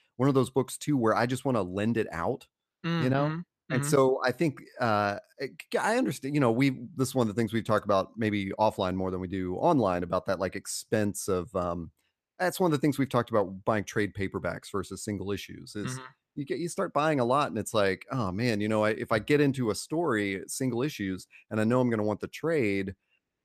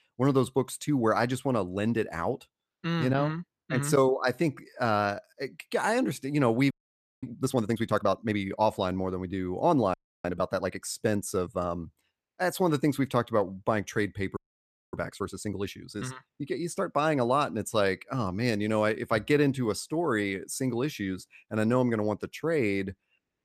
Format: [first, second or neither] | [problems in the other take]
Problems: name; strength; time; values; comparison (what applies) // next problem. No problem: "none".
first | audio freezing; at 6.5 s for 0.5 s, at 10 s and at 14 s for 0.5 s